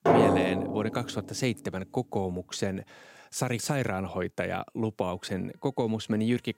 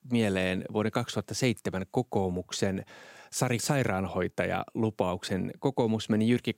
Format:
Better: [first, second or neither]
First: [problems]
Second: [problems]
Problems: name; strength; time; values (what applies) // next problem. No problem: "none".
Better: second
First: background music; very loud; throughout; 3 dB above the speech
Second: none